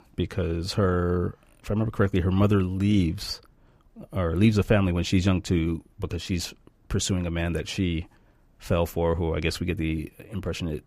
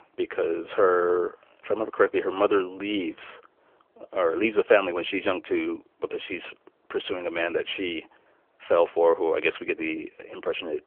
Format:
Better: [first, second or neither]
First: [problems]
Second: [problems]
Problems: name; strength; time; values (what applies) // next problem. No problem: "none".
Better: first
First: none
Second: phone-call audio; nothing above 3.5 kHz